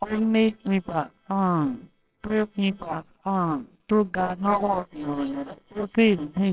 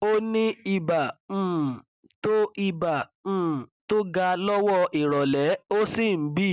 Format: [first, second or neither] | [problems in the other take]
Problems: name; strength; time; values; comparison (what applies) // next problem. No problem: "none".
second | noise reduction (neural separator model SepFormer WHAMR!)